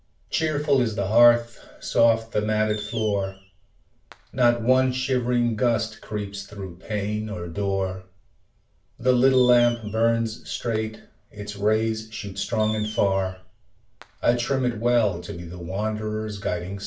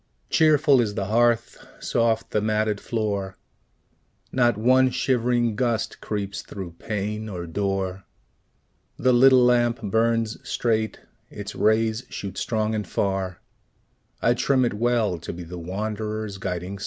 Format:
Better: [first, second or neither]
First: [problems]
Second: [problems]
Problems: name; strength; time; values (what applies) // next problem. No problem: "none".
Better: second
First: background sound (Fireworks); 18 dB below the speech // room echo; dies away in 0.3 s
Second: none